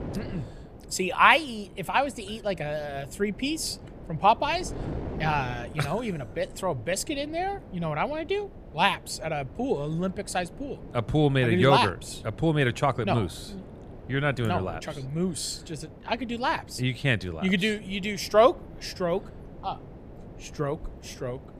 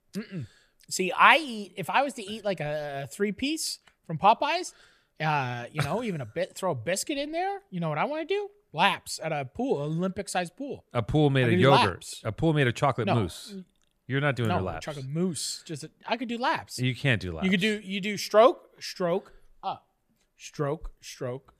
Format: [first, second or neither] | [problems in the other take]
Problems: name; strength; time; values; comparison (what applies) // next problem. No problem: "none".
second | wind noise on the microphone; occasional gusts; 20 dB below the speech